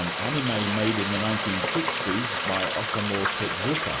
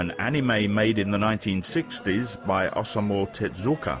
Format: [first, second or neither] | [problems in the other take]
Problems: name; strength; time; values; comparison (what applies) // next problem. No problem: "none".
second | background sound (Frying (food)); as loud as the speech // room echo; dies away in 2.7 s